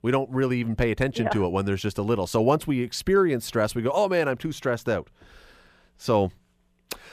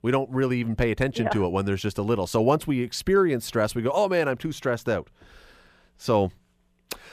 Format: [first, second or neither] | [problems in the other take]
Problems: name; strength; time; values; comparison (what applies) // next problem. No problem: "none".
neither | none